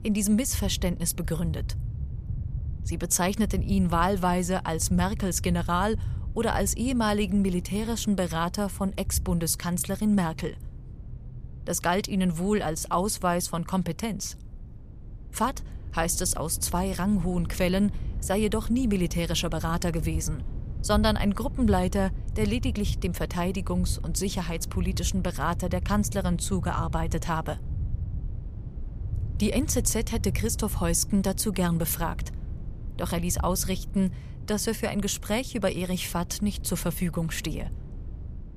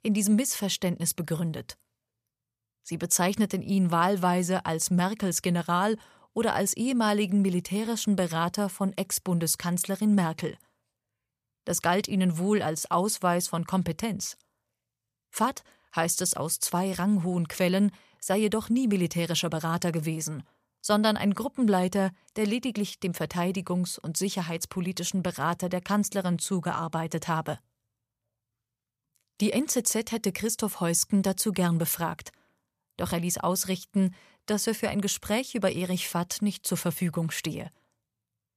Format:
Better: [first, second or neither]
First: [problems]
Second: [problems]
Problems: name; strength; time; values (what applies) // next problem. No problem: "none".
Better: second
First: low rumble; faint; throughout; 20 dB below the speech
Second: none